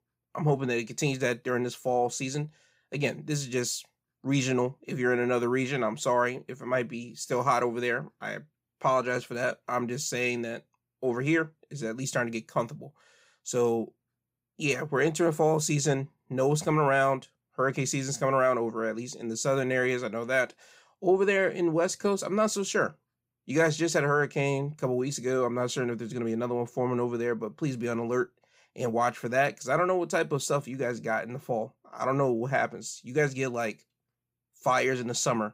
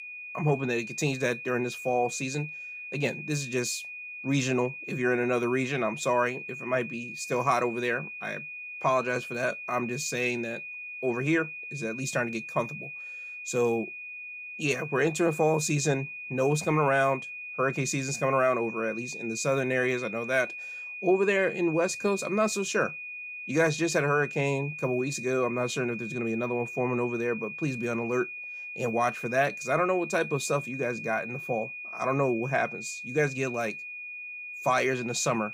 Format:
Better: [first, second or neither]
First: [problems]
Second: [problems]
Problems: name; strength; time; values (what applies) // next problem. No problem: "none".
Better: first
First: none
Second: high-pitched whine; loud; throughout; 2.5 kHz, 8 dB below the speech